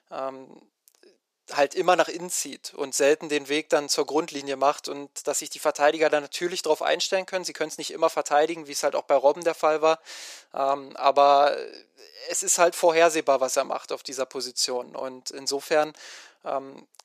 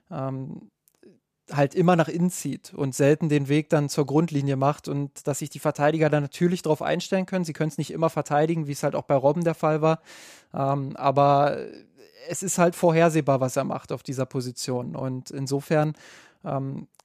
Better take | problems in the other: second | thin; very; fading below 400 Hz

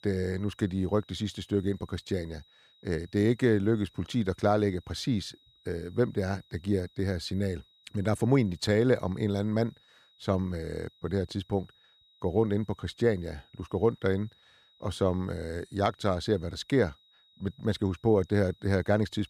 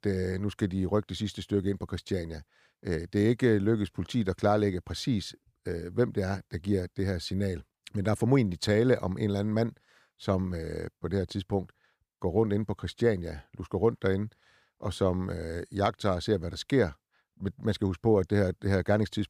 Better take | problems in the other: second | high-pitched whine; faint; throughout; 4 kHz, 30 dB below the speech

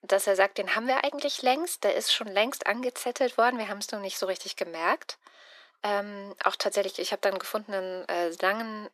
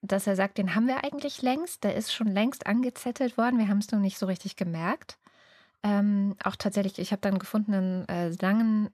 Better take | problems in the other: second | thin; very; fading below 350 Hz

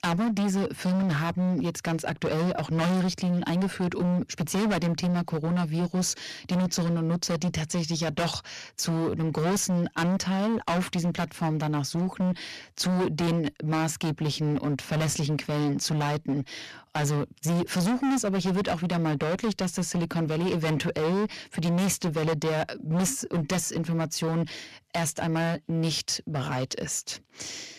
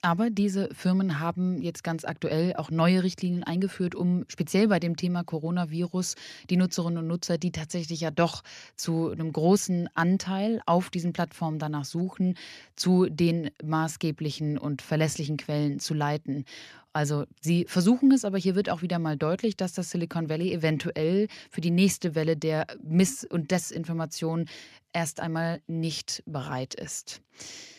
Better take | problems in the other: second | distortion; heavy; 24% of the sound clipped

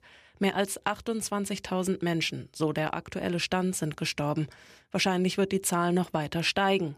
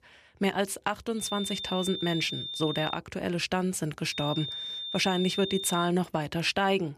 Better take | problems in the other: first | high-pitched whine; loud; from 1 to 3 s and from 4 to 6 s; 3.5 kHz, 5 dB below the speech

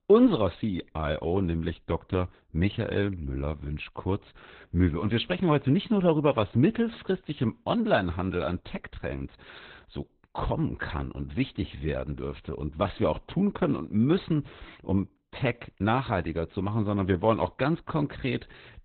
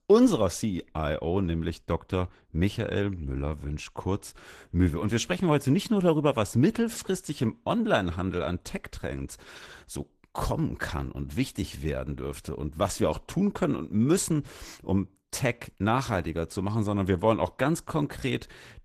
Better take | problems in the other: second | garbled, watery; badly; nothing above 4 kHz; slightly in the second

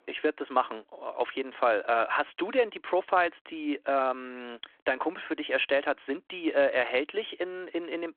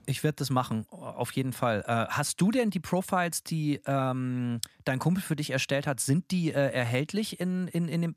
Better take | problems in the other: second | phone-call audio

